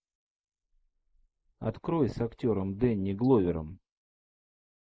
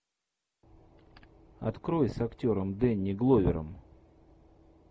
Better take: second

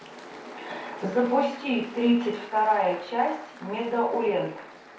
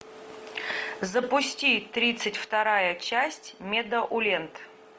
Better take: second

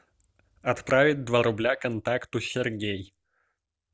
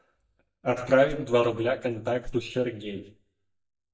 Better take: first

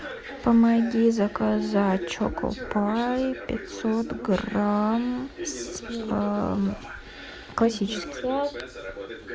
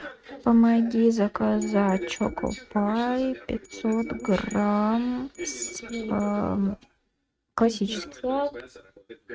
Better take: first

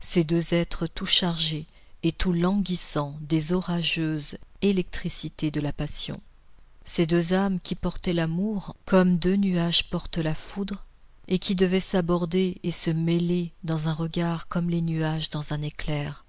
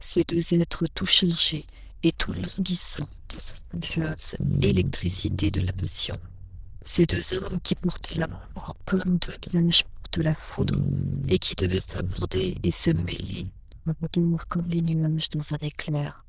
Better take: first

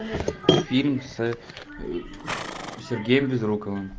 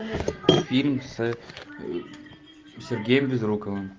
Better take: second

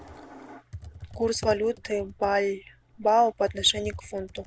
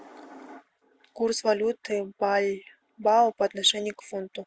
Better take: second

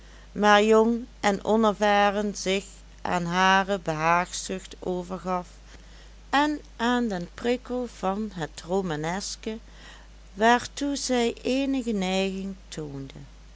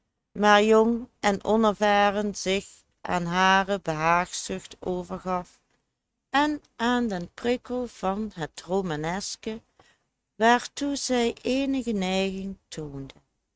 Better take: first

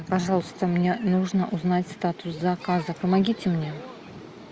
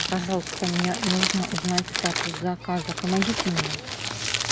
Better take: first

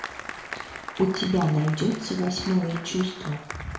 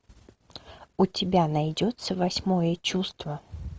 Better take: second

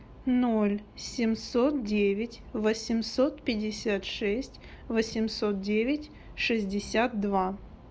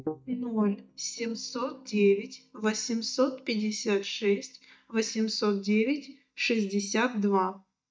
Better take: first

